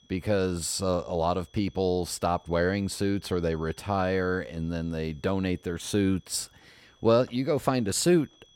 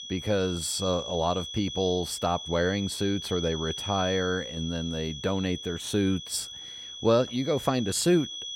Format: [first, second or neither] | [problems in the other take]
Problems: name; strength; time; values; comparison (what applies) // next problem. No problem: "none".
first | high-pitched whine; loud; throughout; 3.5 kHz, 8 dB below the speech; faint in the first